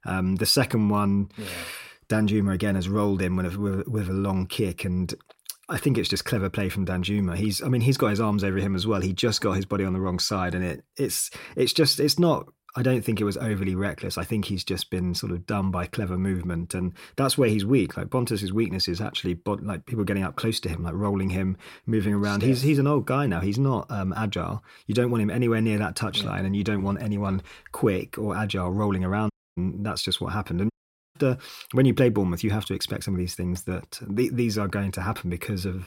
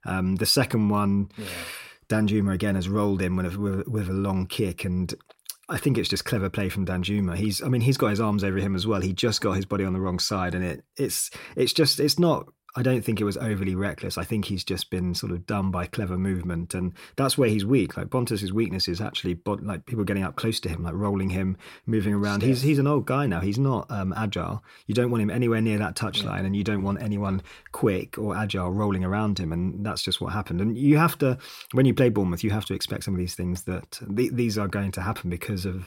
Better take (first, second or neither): second